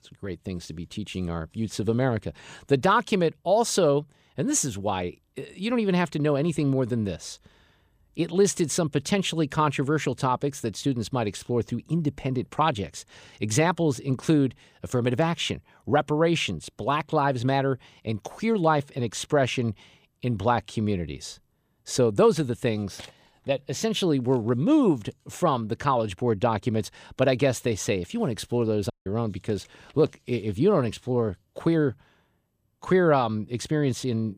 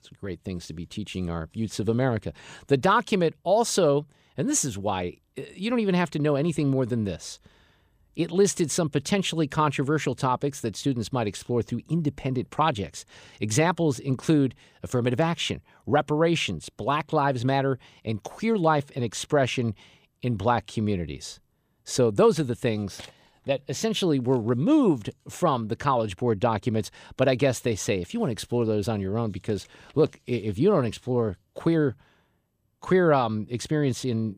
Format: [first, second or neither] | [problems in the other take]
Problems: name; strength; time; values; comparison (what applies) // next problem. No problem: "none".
second | audio cutting out; at 29 s